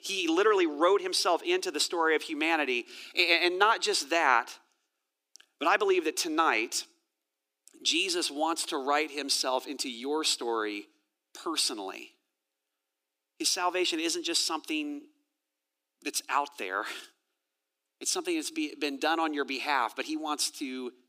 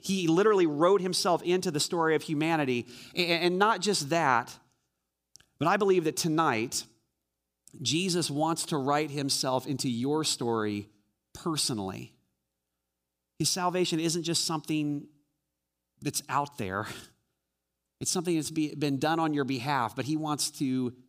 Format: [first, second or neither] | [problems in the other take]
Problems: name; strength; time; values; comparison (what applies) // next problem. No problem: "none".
second | thin; somewhat; fading below 300 Hz